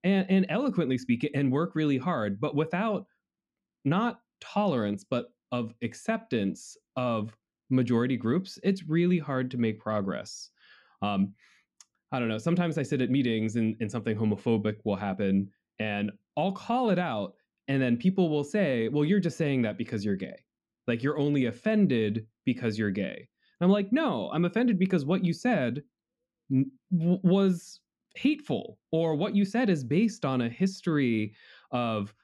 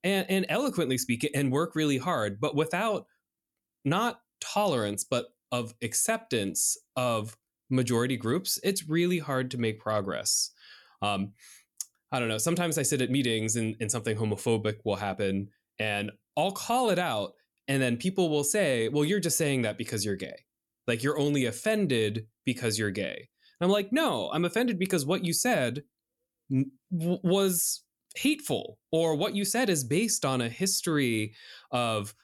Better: second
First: muffled; slightly; fading above 3 kHz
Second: none

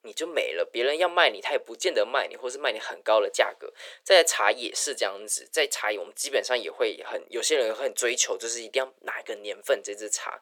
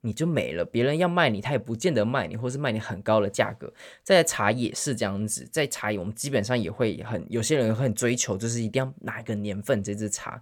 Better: second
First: thin; very; fading below 400 Hz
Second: none

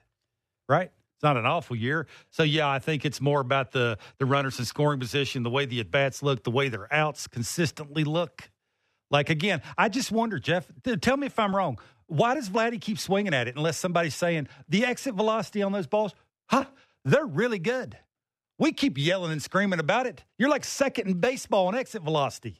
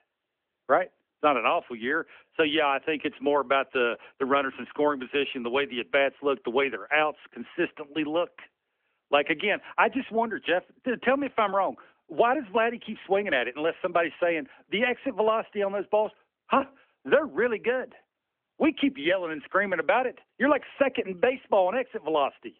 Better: first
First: none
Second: phone-call audio; nothing above 3.5 kHz

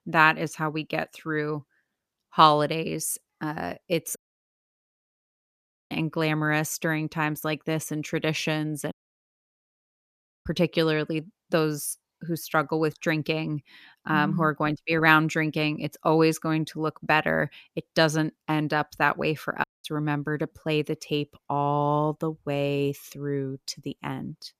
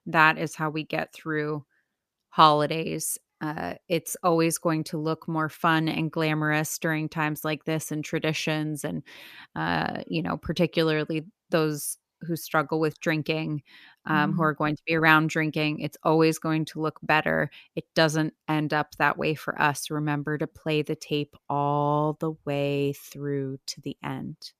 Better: second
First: audio cutting out; at 4 s for 2 s, at 9 s for 1.5 s and at 20 s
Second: none

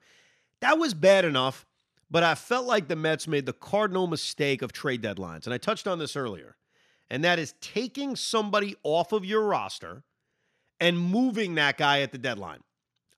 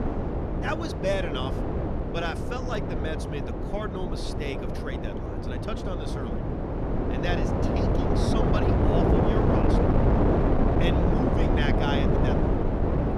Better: first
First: none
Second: wind noise on the microphone; heavy; 4 dB above the speech

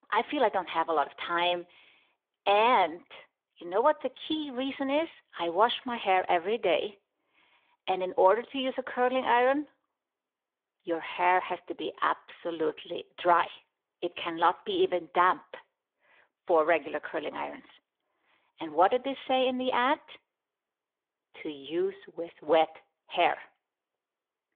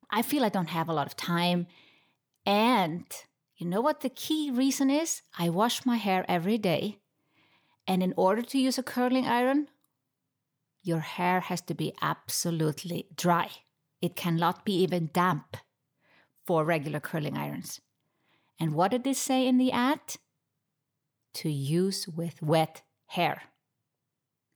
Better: second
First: phone-call audio; nothing above 3.5 kHz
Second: none

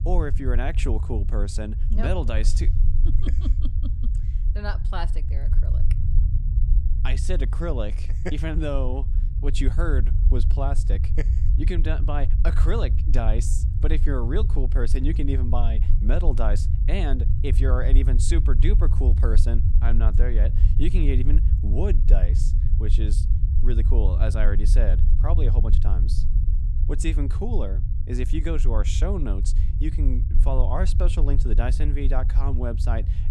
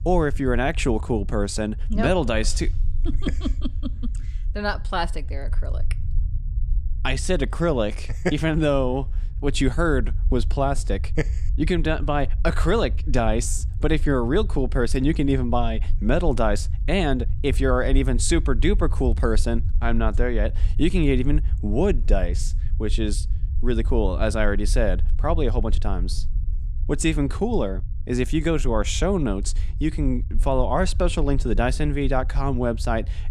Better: second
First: low rumble; loud; throughout; 9 dB below the speech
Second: low rumble; faint; throughout; 20 dB below the speech

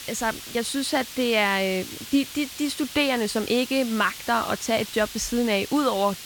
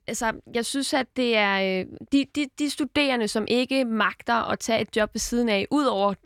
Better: second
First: hiss; noticeable; throughout; 10 dB below the speech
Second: none

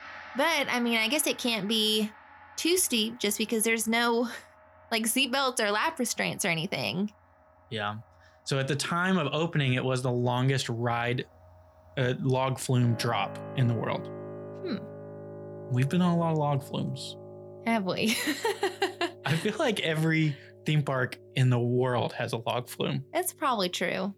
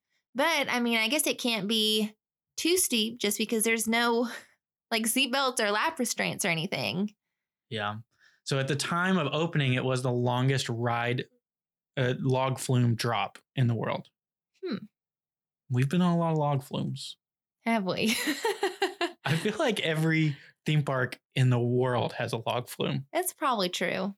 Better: second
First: background music; noticeable; throughout; 20 dB below the speech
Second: none

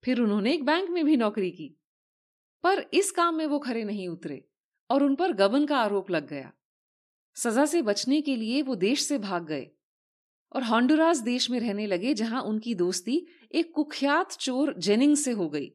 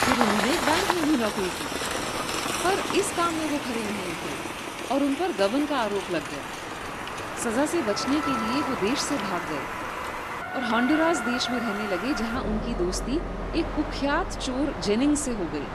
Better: first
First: none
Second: train or aircraft noise; loud; throughout; 3 dB below the speech

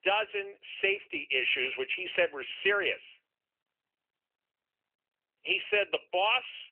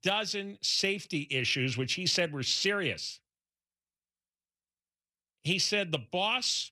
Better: second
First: phone-call audio; nothing above 3 kHz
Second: none

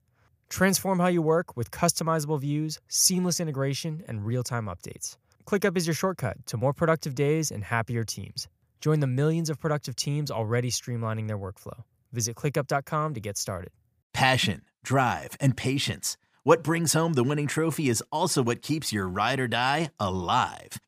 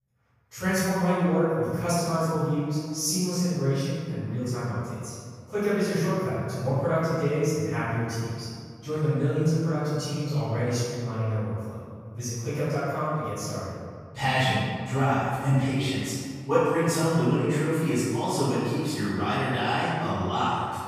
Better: first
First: none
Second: off-mic speech; far // room echo; strong; dies away in 2 s

